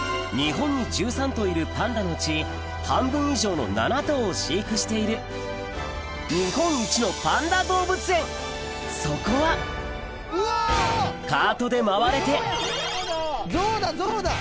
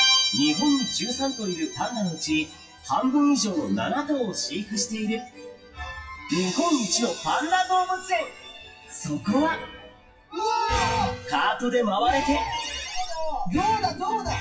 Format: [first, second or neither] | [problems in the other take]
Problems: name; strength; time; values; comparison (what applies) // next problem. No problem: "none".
first | noise reduction (classical method WPE with log-MMSE)